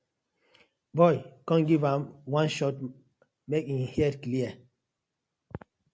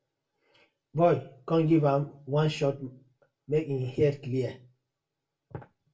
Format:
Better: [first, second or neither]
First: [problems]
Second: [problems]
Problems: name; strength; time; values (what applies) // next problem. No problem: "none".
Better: first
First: none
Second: room echo; dies away in 0.2 s